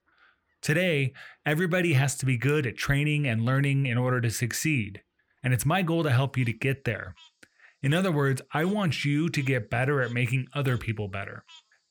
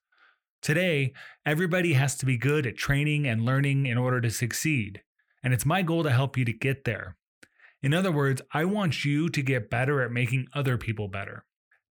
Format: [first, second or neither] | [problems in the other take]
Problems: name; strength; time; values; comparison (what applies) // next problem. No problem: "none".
second | animal sounds; faint; throughout; 30 dB below the speech